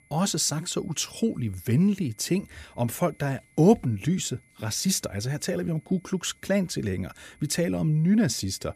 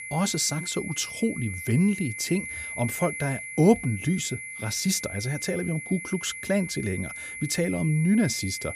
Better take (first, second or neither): first